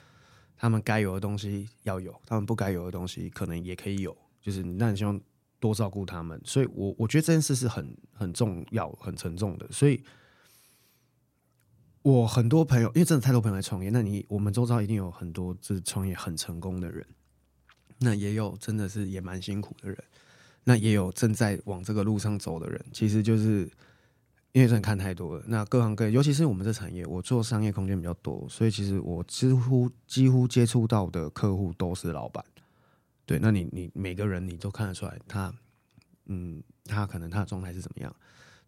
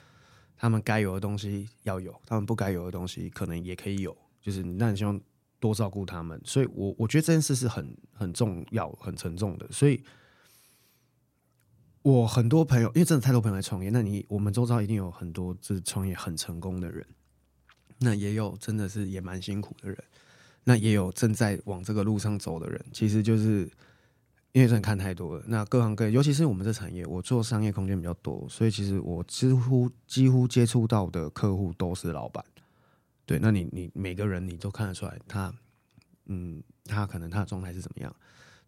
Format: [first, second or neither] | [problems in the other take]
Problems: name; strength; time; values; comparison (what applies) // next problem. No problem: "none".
neither | none